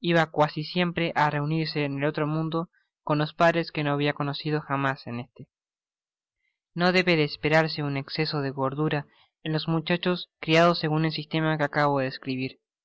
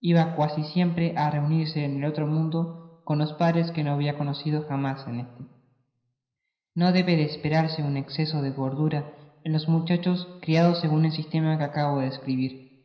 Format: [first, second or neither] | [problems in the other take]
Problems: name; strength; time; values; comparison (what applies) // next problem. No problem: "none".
first | room echo; dies away in 0.9 s